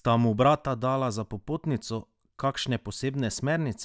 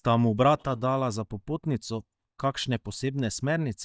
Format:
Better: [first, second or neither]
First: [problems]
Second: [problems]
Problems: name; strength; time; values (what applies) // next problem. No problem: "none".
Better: first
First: none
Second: noise reduction (neural mask model DeepFilterNet 3)